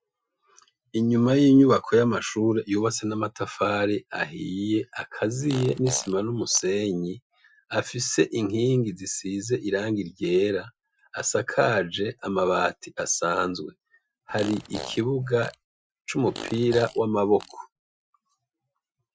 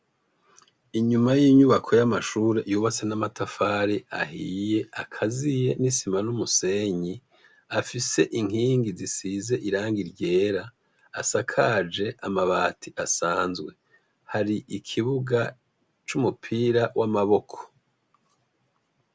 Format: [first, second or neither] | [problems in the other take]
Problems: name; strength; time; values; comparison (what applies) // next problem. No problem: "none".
second | noise reduction (classical method Wiener filter)